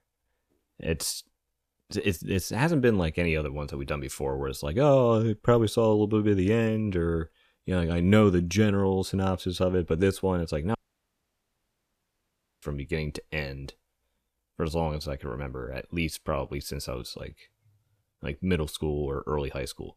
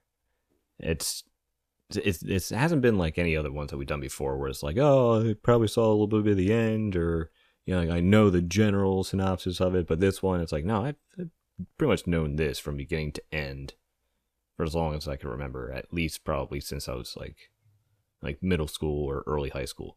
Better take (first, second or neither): second